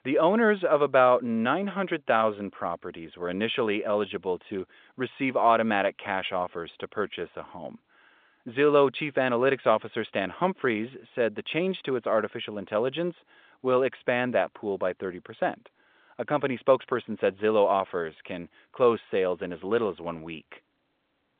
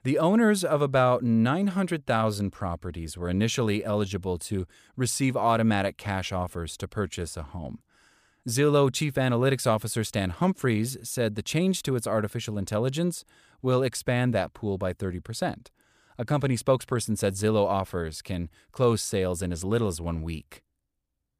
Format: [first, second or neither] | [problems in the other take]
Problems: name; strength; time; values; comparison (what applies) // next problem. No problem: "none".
second | phone-call audio